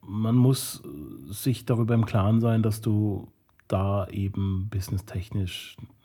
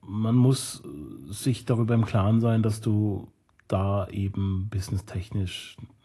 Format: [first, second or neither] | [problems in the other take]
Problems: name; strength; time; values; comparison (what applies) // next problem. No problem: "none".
first | garbled, watery; slightly; nothing above 11.5 kHz